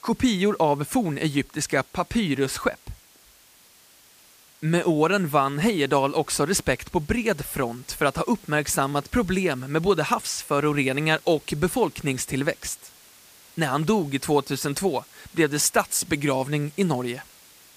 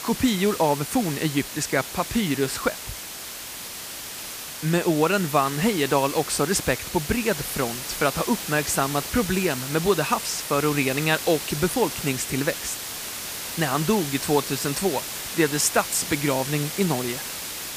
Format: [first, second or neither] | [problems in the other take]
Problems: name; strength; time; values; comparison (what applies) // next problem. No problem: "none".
first | hiss; loud; throughout; 7 dB below the speech; faint in the first